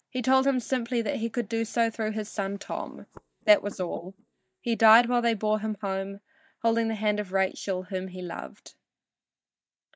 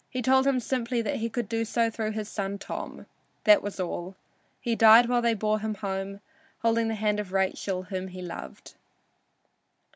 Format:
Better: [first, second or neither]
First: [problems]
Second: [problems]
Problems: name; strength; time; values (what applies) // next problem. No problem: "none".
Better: second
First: noise reduction (neural mask model DeepFilterNet 3)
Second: none